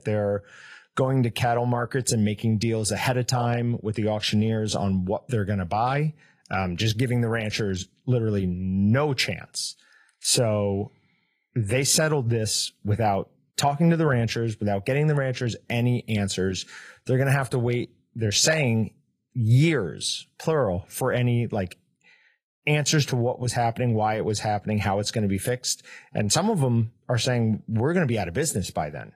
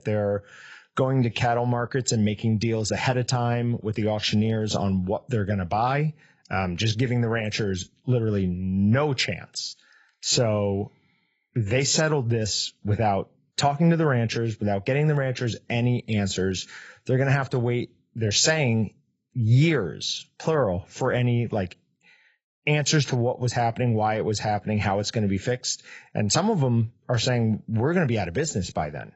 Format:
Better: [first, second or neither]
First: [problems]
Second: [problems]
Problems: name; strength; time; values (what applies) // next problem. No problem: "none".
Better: first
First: garbled, watery; slightly; nothing above 14.5 kHz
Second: garbled, watery; badly; nothing above 7.5 kHz